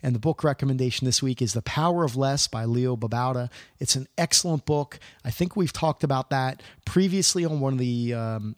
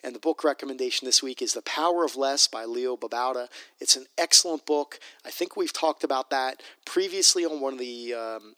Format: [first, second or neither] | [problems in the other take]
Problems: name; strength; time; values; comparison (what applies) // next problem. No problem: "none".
first | thin; very; fading below 300 Hz